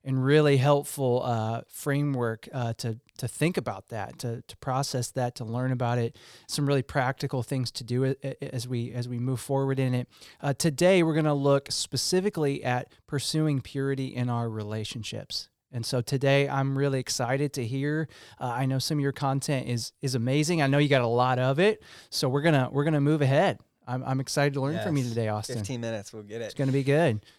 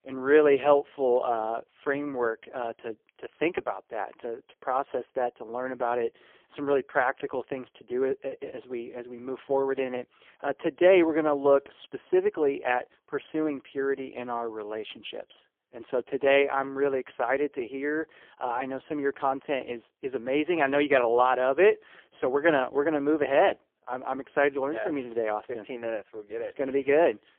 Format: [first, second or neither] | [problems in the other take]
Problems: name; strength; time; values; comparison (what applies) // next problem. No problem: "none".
first | phone-call audio; poor line; nothing above 3 kHz